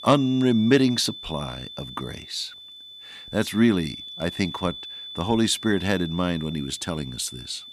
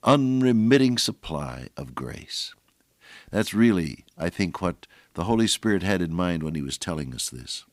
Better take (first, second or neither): second